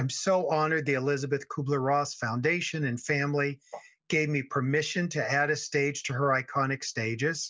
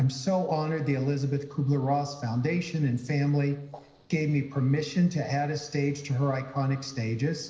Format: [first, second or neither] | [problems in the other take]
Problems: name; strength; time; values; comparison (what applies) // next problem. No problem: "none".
first | noise reduction (neural separator model SepFormer DNS4)